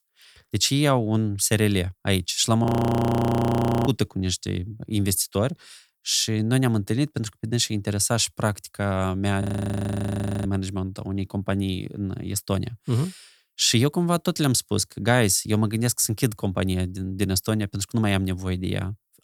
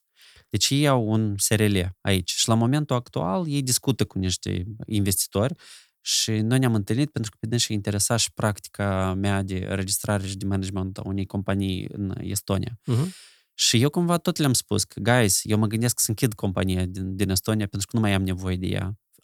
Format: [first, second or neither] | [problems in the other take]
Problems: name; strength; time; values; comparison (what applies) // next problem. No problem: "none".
second | audio freezing; at 2.5 s for 1 s and at 9.5 s for 1 s